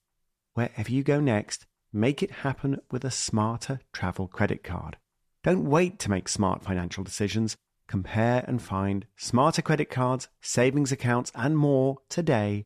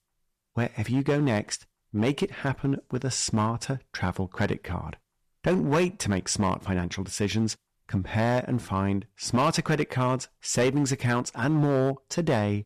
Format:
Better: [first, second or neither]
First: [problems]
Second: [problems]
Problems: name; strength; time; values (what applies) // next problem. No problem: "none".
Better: first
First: none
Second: distortion; slight; 6% of the sound clipped